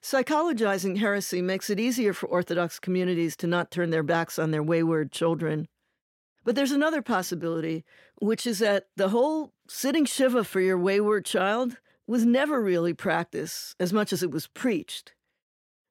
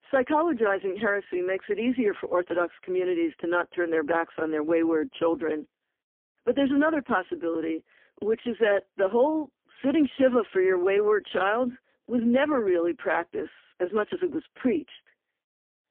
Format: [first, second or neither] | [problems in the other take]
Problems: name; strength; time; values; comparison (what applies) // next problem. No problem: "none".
first | phone-call audio; poor line; nothing above 3.5 kHz